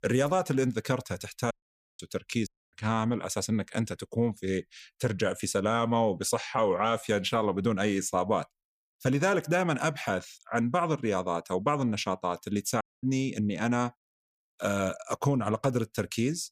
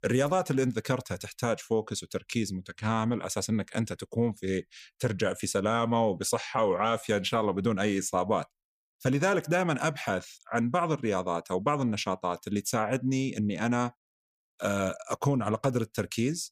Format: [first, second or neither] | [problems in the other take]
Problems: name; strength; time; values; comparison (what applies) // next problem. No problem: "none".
second | audio cutting out; at 1.5 s, at 2.5 s and at 13 s